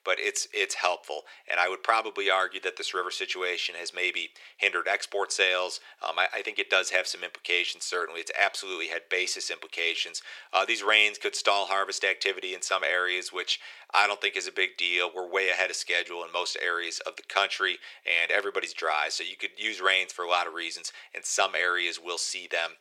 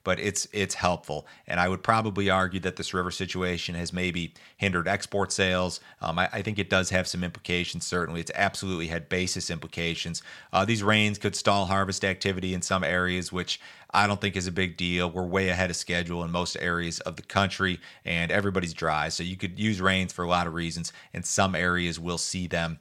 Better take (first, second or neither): second